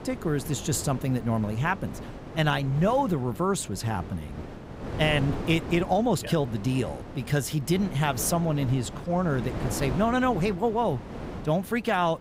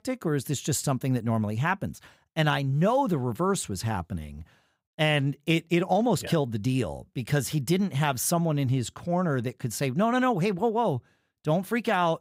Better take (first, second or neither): second